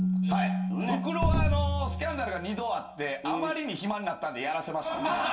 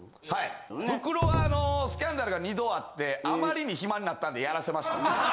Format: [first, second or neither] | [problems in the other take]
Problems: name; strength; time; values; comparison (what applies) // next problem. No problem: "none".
second | background sound (Keyboard (musical)); 5 dB below the speech // room echo; dies away in 0.2 s